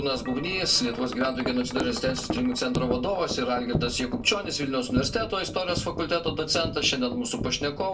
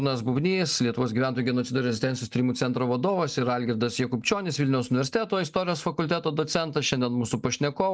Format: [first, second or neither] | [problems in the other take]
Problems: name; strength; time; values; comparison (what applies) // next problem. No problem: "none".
second | background sound (Wind chime); 7 dB below the speech // room echo; dies away in 0.2 s